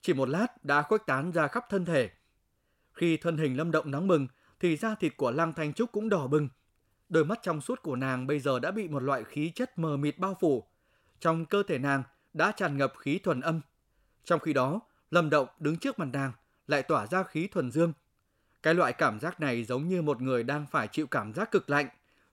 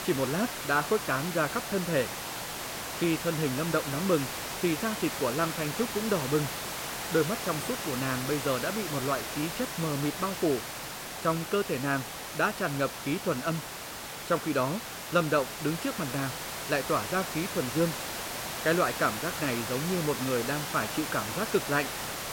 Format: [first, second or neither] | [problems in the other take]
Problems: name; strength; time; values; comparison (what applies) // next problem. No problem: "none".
first | hiss; loud; throughout; 4 dB below the speech